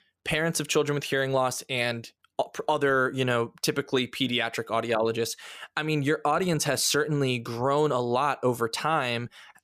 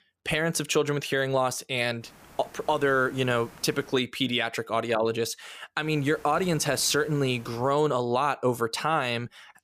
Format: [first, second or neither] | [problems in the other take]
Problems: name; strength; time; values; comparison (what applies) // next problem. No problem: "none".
first | hiss; faint; from 2 to 4 s and from 6 to 7.5 s; 25 dB below the speech